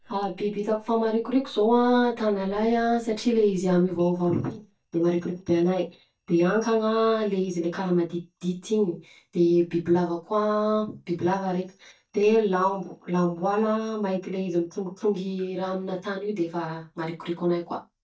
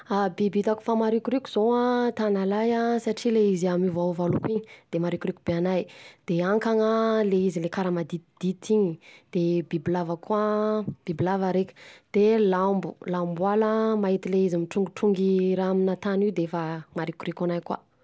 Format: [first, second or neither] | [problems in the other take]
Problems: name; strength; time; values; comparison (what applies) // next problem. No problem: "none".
second | noise reduction (neural mask model DeepFilterNet 3)